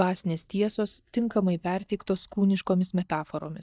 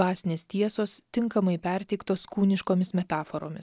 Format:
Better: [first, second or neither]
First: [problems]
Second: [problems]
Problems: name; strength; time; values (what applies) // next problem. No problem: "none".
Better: second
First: noise reduction (neural mask model DeepFilterNet 3)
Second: none